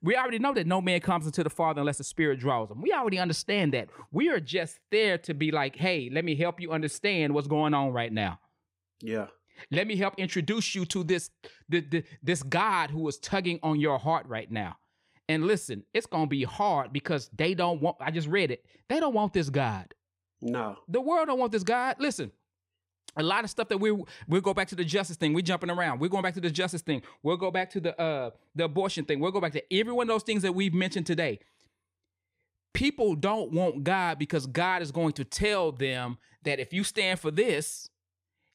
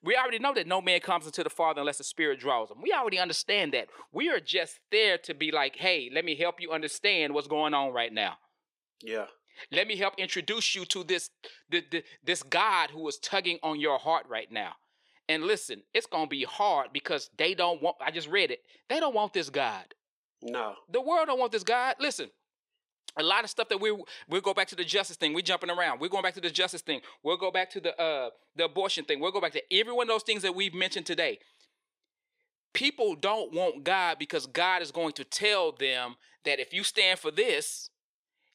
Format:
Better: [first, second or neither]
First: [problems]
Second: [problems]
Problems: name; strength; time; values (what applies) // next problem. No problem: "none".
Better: first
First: none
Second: thin; somewhat; fading below 450 Hz